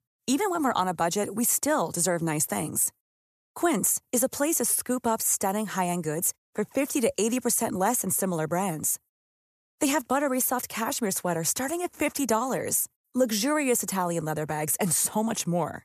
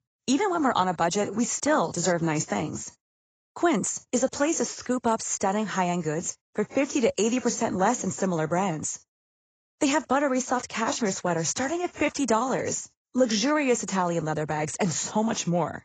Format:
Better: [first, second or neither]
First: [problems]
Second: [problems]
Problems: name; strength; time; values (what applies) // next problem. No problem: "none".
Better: first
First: none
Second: garbled, watery; badly; nothing above 7.5 kHz